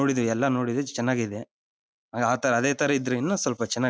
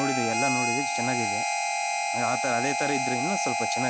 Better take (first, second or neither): first